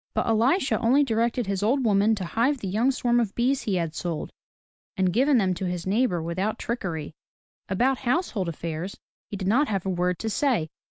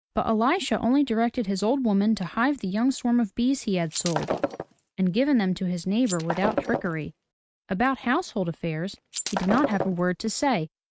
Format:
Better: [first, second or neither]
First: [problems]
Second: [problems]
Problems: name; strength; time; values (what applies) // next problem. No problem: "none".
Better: first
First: none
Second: noise reduction (neural mask model RNNoise)